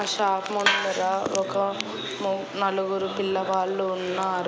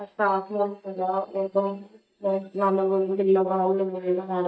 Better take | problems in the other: first | noise reduction (neural mask model DeepFilterNet 3)

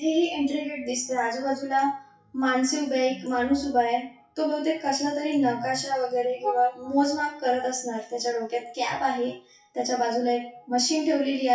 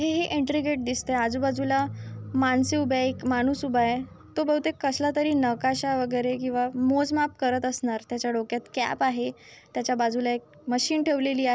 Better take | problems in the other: second | noise reduction (classical method WPE with log-MMSE)

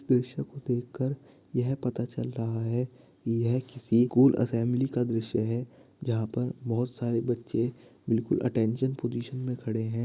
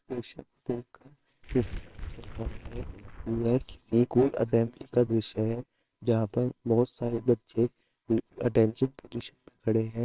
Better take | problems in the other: first | noise reduction (neural separator model SepFormer WHAMR!)

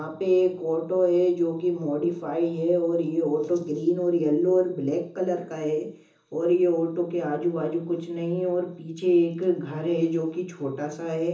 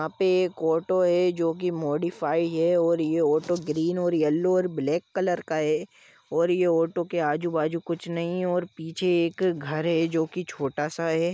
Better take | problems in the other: second | room echo; dies away in 0.7 s

